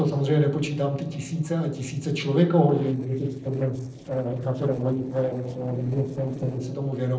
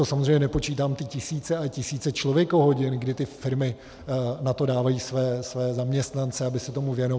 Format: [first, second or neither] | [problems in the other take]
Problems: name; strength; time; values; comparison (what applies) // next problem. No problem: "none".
second | noise reduction (neural separator model SepFormer DNS4)